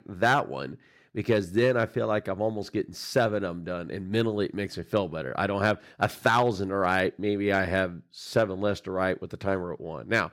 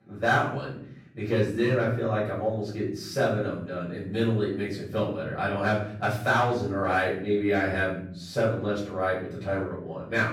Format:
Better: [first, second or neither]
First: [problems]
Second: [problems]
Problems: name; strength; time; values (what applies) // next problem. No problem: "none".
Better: first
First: none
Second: off-mic speech; far // room echo; noticeable; dies away in 0.6 s